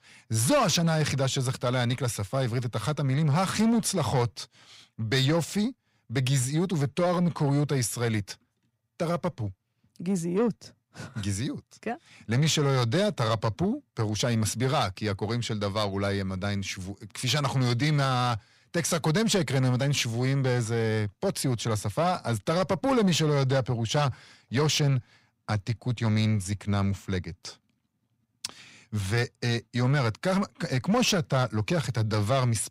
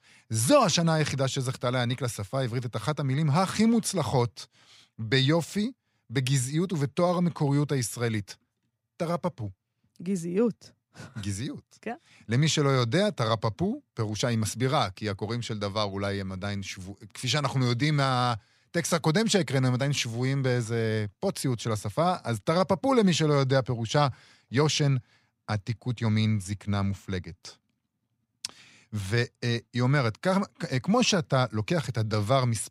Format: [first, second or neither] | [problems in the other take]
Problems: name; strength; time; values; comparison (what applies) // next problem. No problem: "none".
second | distortion; slight; 10 dB below the speech